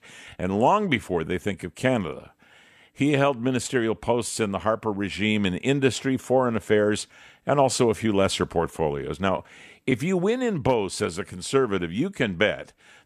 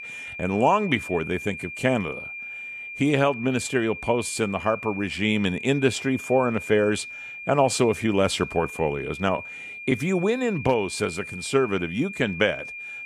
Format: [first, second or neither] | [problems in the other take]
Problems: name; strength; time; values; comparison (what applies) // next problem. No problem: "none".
first | high-pitched whine; noticeable; throughout; 2.5 kHz, 10 dB below the speech